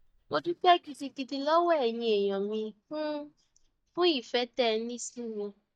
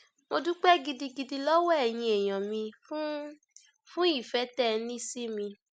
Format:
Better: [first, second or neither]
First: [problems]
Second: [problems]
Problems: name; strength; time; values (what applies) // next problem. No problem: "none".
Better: second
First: noise reduction (neural mask model DeepFilterNet 3)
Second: none